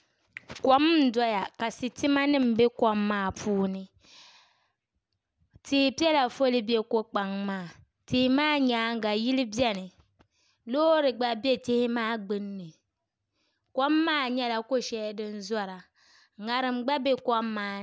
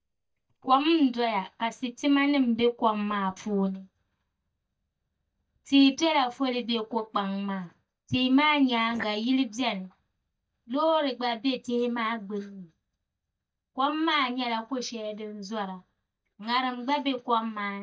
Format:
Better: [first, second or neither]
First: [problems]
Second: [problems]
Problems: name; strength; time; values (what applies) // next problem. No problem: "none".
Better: first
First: none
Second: noise reduction (neural mask model DeepFilterNet 3)